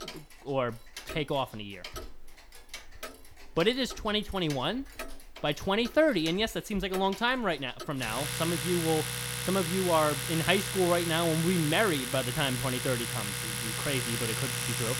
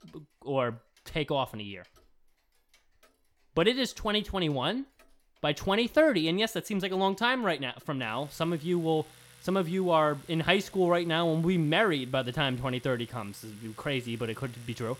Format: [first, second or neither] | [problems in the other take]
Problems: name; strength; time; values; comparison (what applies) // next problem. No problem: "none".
second | household noises; loud; throughout; 4 dB below the speech; faint in the second